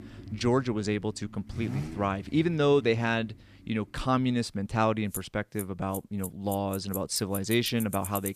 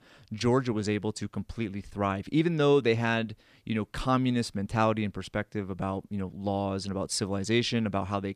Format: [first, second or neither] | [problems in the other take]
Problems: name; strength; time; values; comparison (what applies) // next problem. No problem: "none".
second | traffic noise; noticeable; throughout; 10 dB below the speech